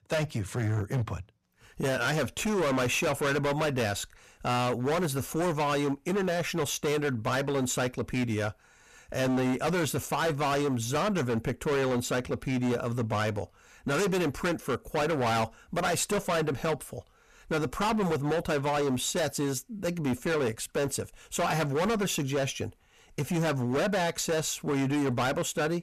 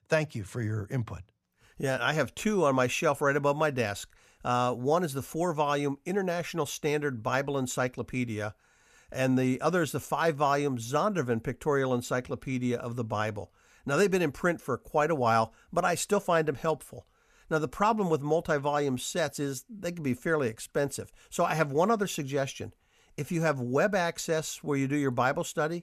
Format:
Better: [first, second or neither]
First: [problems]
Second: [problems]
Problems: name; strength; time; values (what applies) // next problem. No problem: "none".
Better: second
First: distortion; heavy; 22% of the sound clipped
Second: none